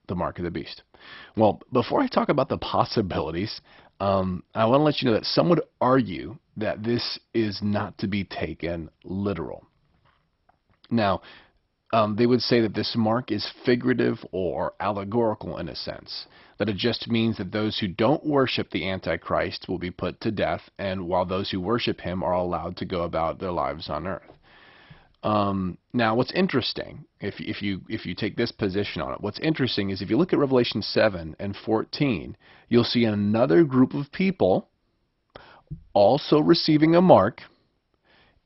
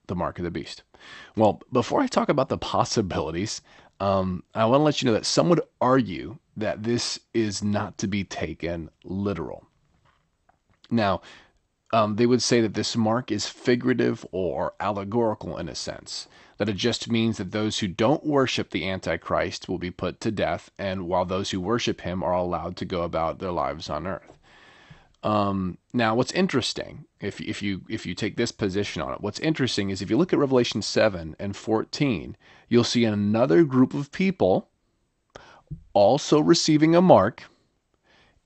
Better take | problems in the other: second | garbled, watery; badly; nothing above 5.5 kHz; slightly in the second

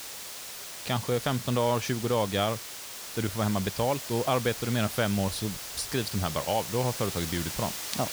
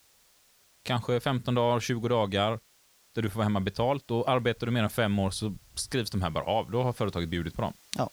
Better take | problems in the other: second | hiss; loud; throughout; 7 dB below the speech; faint in the second

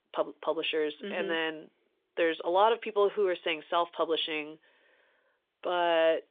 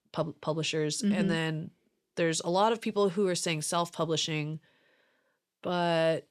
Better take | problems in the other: second | phone-call audio

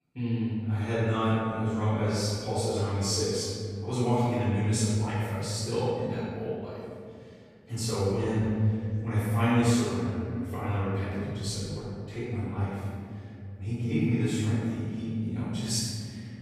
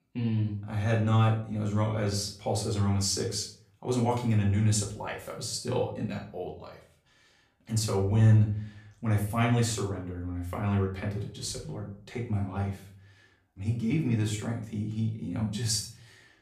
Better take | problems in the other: second | room echo; strong; dies away in 2.5 s; slight in the second // off-mic speech; far; far in the second

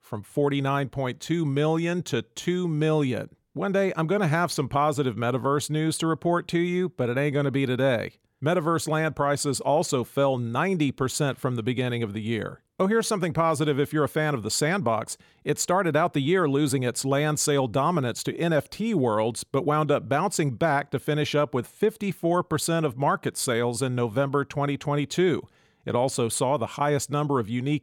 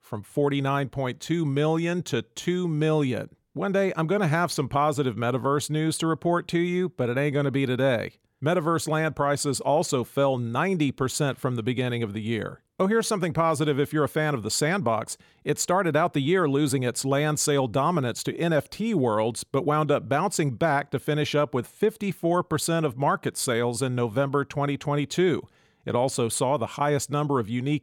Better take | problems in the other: neither | none

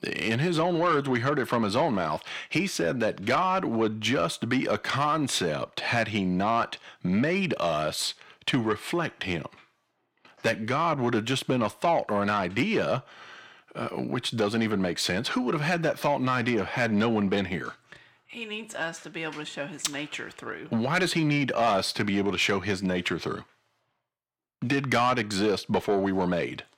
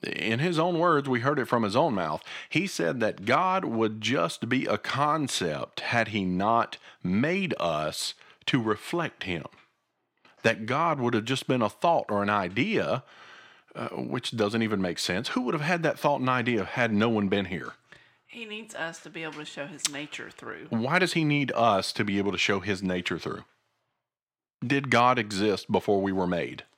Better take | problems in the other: second | distortion; slight; 10 dB below the speech

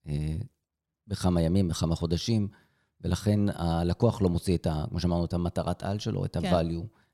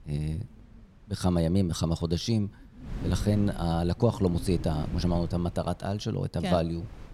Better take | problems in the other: first | wind noise on the microphone; occasional gusts; 15 dB below the speech

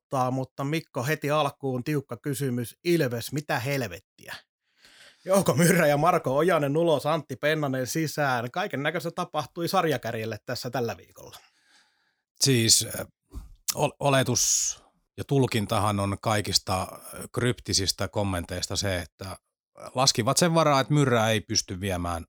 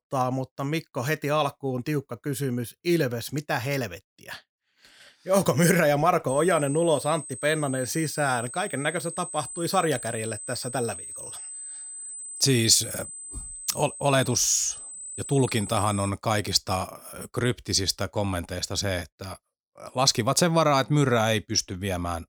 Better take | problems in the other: first | high-pitched whine; noticeable; from 6.5 to 16 s; 8 kHz, 10 dB below the speech

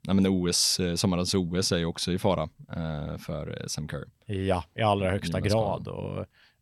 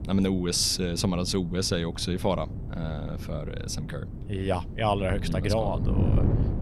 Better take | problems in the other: first | wind noise on the microphone; occasional gusts; 10 dB below the speech

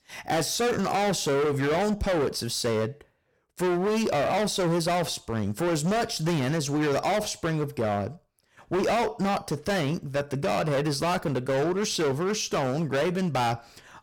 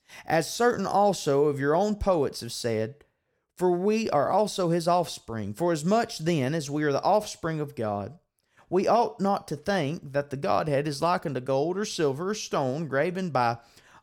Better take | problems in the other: second | distortion; heavy; 25% of the sound clipped

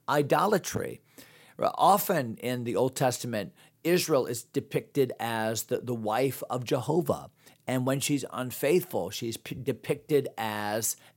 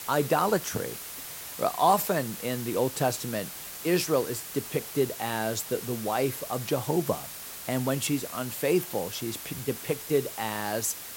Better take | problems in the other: first | hiss; loud; throughout; 8 dB below the speech

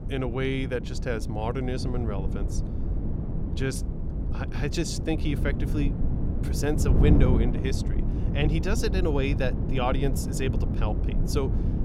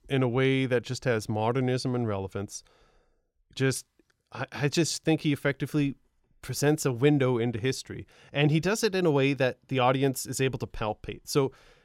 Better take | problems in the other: second | wind noise on the microphone; heavy; 6 dB below the speech

